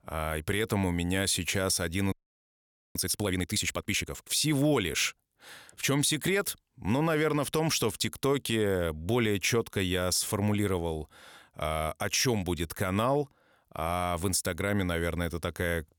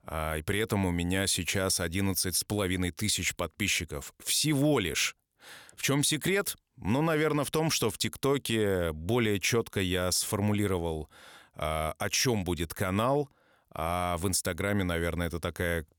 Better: second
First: audio freezing; at 2 s for 1 s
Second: none

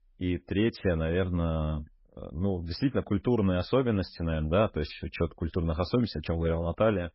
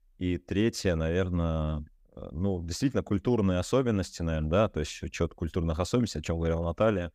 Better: second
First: garbled, watery; badly; nothing above 5.5 kHz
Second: none

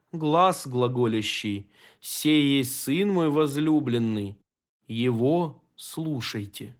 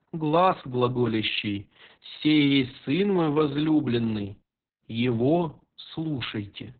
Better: first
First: garbled, watery; slightly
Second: garbled, watery; badly; nothing above 4 kHz

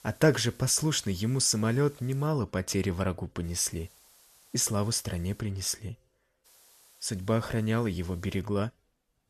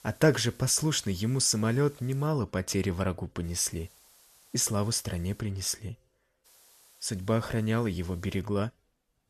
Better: neither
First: hiss; faint; until 2.5 s, from 3.5 to 5.5 s and from 6.5 to 8.5 s; 25 dB below the speech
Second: hiss; faint; until 2.5 s, from 3.5 to 5.5 s and from 6.5 to 8.5 s; 25 dB below the speech

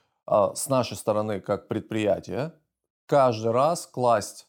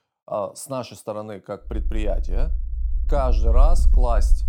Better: first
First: none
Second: low rumble; noticeable; from 1.5 s on; 20 dB below the speech

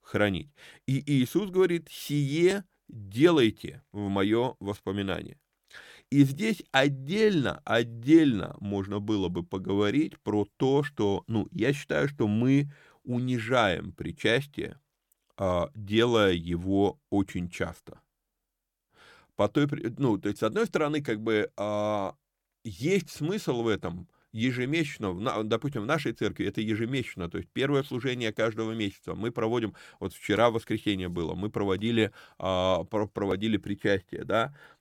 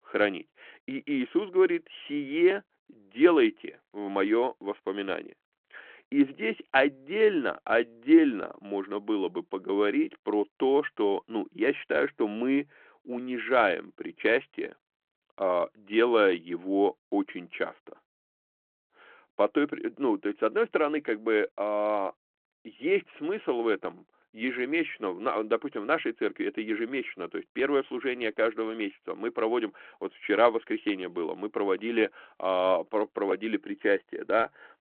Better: first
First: none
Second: phone-call audio

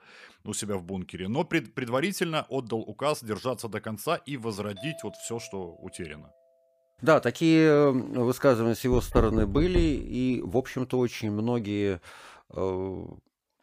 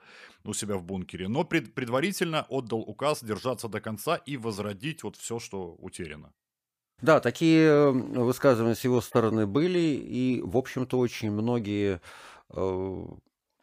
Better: second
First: doorbell; faint; from 5 to 6.5 s; peak 15 dB below the speech // door banging; noticeable; from 9 to 10 s; peak 3 dB below the speech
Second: none

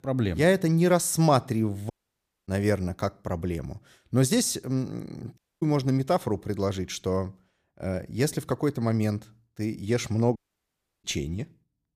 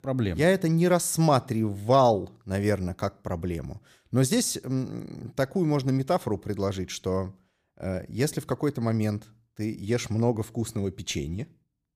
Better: second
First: audio cutting out; at 2 s for 0.5 s, at 5.5 s and at 10 s for 0.5 s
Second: none

